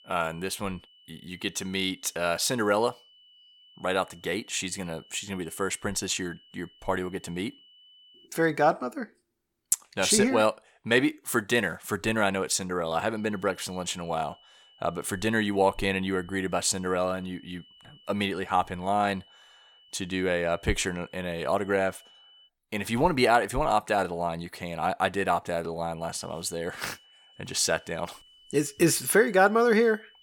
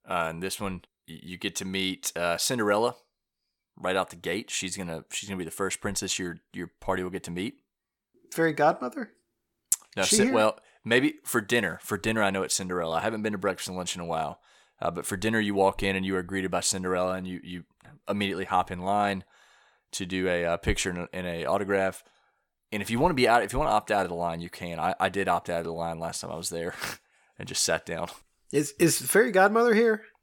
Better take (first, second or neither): second